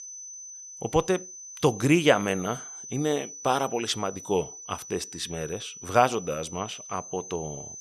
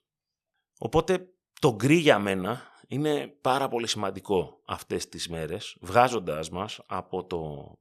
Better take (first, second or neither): second